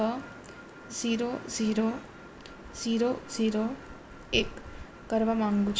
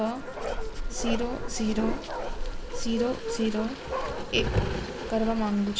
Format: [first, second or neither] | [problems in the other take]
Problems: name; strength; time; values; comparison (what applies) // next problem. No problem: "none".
first | background sound (Bark); 1 dB below the speech